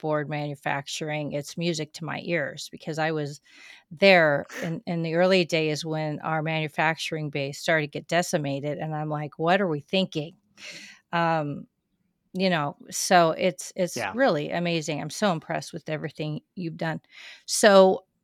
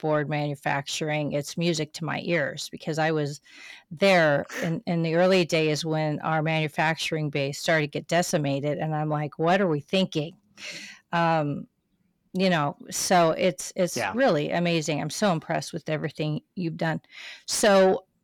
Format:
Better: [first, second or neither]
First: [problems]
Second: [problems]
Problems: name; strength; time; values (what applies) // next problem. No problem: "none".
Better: first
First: none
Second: distortion; slight; 10 dB below the speech